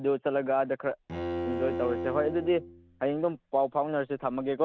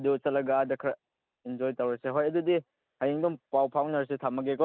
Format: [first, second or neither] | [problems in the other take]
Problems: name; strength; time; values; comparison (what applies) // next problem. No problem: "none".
second | background sound (Bowed string instrument); 7 dB below the speech